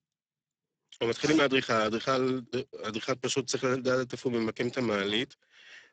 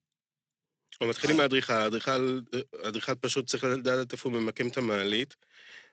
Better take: second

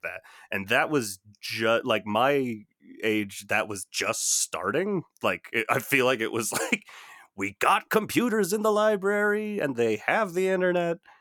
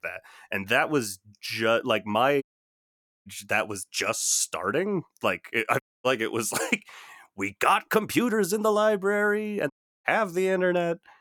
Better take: first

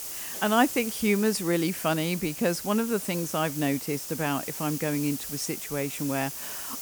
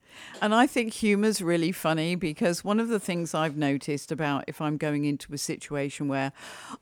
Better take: second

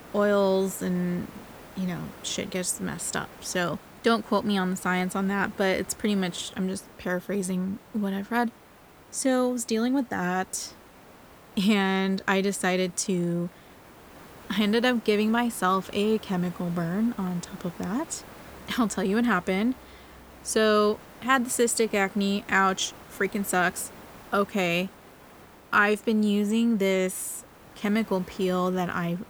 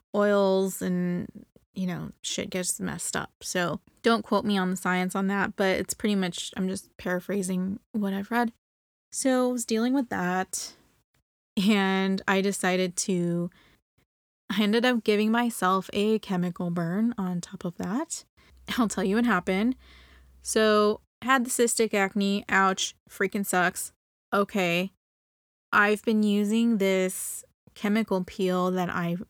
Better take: second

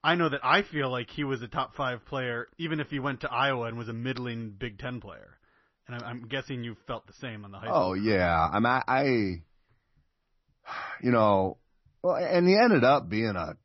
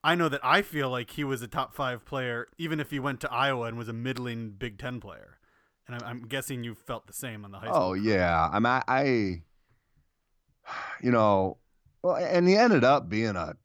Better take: second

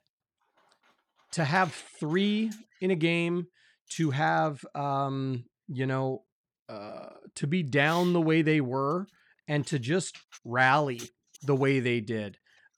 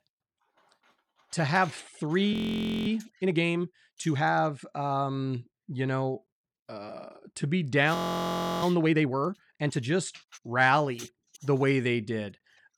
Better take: first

